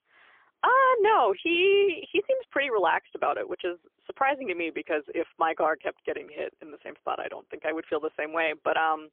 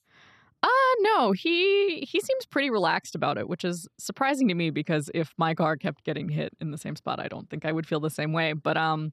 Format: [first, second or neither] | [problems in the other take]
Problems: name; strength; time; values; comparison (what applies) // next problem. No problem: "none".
second | phone-call audio; poor line; nothing above 3 kHz